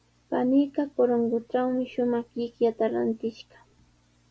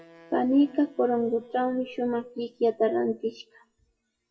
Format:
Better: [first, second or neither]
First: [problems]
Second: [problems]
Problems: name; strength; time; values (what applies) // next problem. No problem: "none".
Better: first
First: none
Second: noise reduction (classical method WPE with log-MMSE)